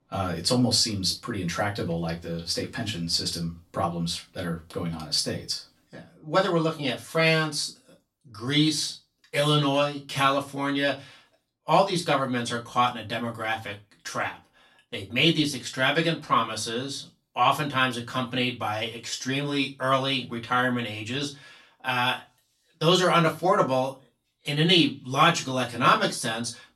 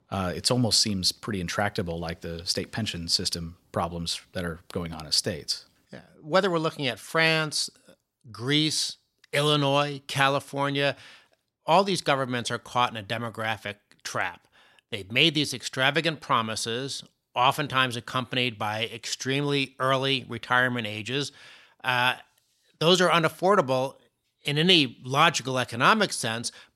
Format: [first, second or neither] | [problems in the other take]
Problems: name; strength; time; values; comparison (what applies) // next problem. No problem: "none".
second | off-mic speech; far // room echo; very slight; dies away in 0.2 s